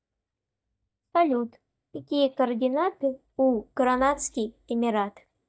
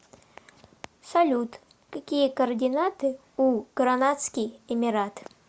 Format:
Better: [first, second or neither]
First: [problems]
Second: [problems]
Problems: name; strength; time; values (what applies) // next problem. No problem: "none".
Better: second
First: noise reduction (neural mask model DeepFilterNet 3)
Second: none